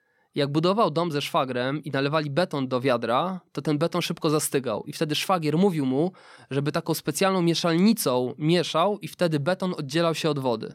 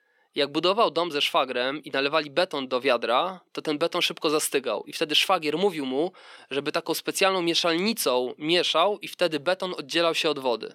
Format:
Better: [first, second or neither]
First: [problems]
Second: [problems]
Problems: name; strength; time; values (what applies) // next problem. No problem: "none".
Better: first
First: none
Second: thin; somewhat; fading below 400 Hz